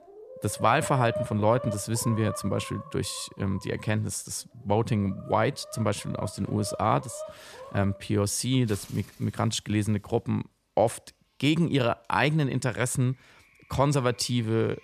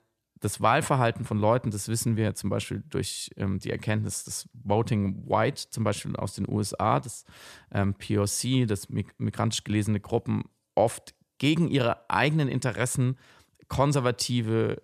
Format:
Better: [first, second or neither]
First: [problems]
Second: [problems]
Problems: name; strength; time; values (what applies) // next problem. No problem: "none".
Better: second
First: animal sounds; noticeable; throughout; 15 dB below the speech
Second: none